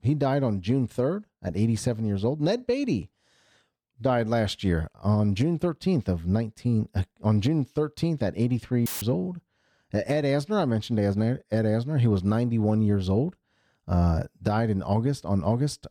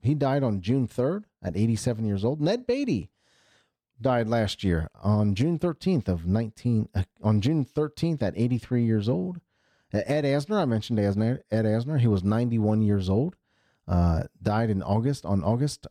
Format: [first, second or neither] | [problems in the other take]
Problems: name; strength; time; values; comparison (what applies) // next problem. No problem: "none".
second | audio cutting out; filled with static; at 9 s